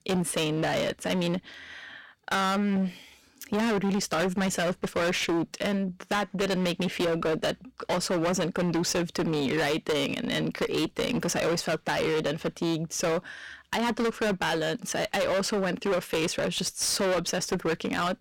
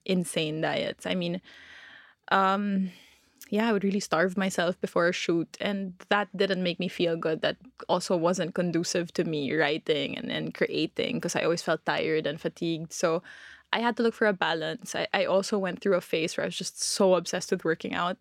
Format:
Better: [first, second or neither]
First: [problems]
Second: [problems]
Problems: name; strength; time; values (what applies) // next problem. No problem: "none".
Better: second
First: distortion; heavy; 25% of the sound clipped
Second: none